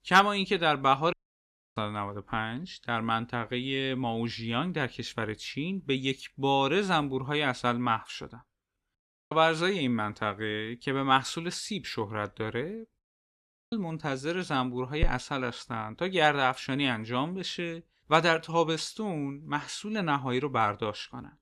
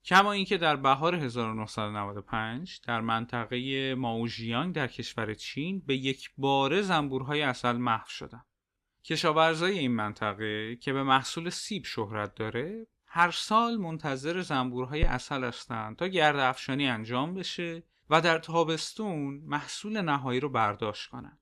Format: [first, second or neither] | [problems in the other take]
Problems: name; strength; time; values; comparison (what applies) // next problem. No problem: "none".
second | audio cutting out; at 1 s for 0.5 s, at 9 s and at 13 s for 0.5 s